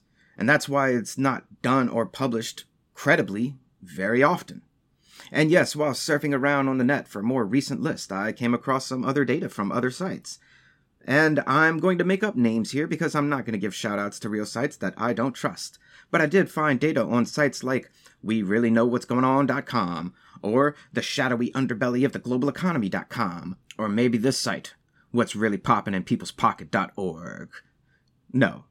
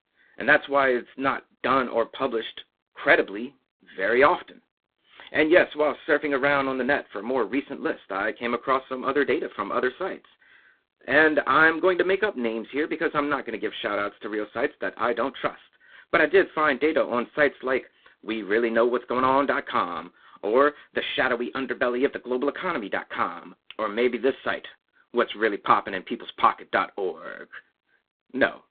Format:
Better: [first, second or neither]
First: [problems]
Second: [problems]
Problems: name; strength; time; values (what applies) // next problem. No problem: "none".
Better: first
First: none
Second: phone-call audio; poor line; nothing above 4 kHz